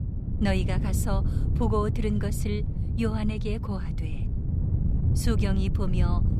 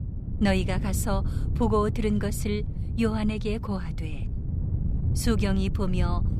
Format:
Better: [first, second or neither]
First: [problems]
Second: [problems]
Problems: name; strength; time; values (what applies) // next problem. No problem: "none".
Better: second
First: wind noise on the microphone; heavy; 7 dB below the speech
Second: wind noise on the microphone; occasional gusts; 10 dB below the speech